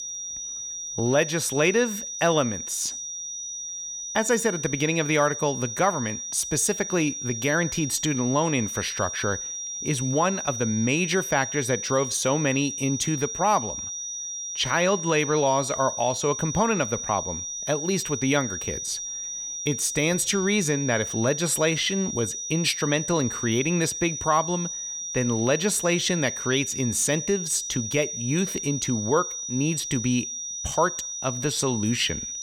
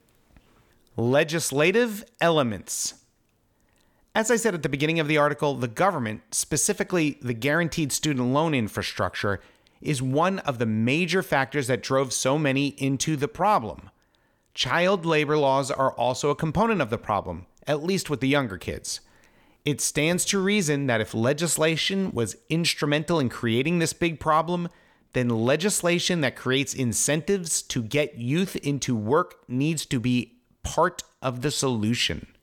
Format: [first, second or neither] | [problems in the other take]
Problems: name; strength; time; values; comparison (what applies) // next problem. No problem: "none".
second | high-pitched whine; loud; throughout; 6 kHz, 5 dB below the speech